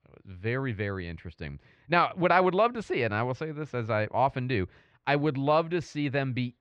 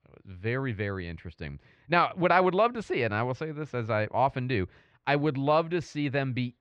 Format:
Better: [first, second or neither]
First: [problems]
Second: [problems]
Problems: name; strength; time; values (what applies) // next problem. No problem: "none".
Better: neither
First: muffled; very; fading above 1.5 kHz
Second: muffled; very; fading above 1.5 kHz